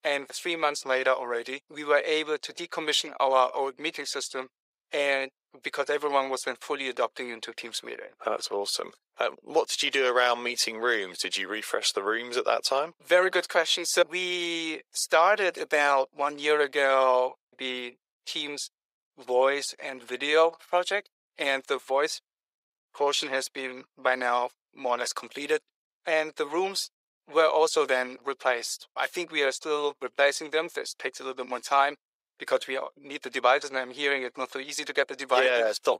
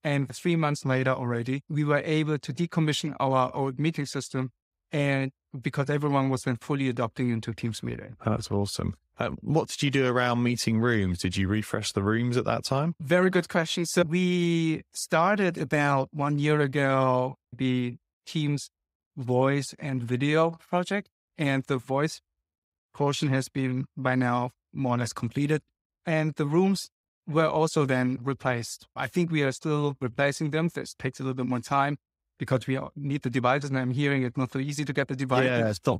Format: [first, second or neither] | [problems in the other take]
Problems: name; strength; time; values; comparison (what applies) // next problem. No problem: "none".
second | thin; very; fading below 450 Hz